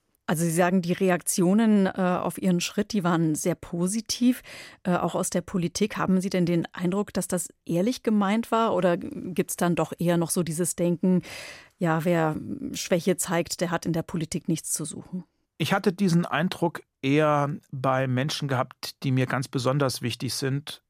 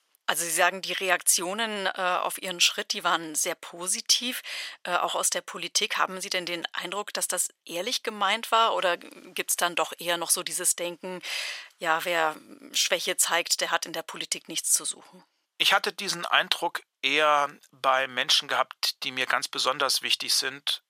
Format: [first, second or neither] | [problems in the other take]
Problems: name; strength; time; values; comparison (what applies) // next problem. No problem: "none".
first | thin; very; fading below 850 Hz